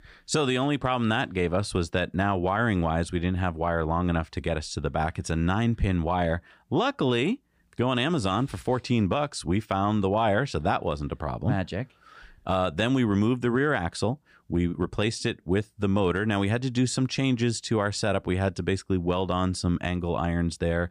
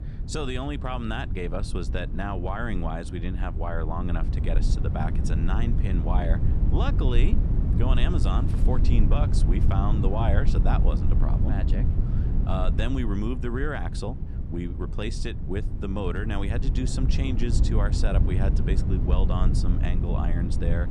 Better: first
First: none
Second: low rumble; loud; throughout; 6 dB below the speech

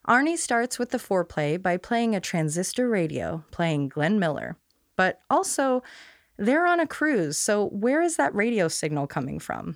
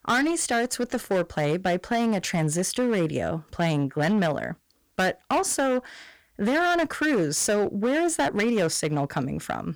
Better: first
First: none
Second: distortion; slight; 14% of the sound clipped

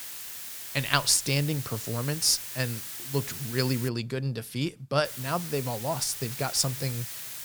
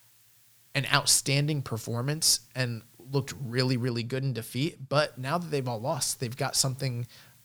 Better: second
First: hiss; loud; until 4 s and from 5 s on; 7 dB below the speech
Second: hiss; faint; until 4 s and from 5 s on; 30 dB below the speech

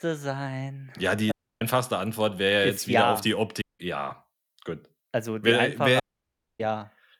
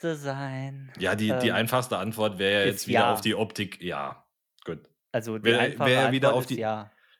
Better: second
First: audio cutting out; at 1.5 s, at 3.5 s and at 6 s for 0.5 s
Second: none

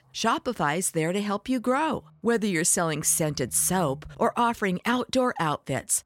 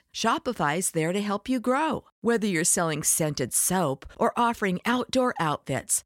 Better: second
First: animal sounds; faint; throughout; 25 dB below the speech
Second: none

